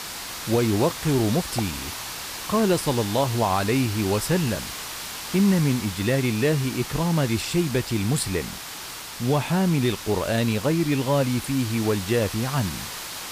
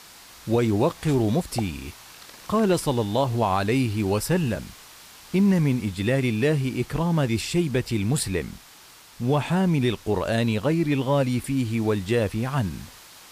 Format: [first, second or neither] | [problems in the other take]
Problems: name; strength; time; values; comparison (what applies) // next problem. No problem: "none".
second | hiss; loud; throughout; 9 dB below the speech; faint in the second